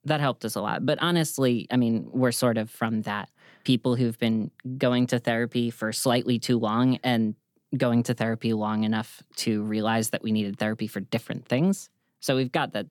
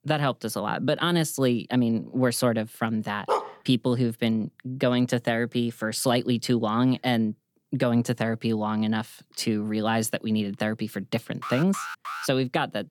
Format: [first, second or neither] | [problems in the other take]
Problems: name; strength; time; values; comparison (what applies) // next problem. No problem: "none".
first | dog barking; noticeable; at 3.5 s; peak 2 dB below the speech // alarm; noticeable; at 11 s; peak 8 dB below the speech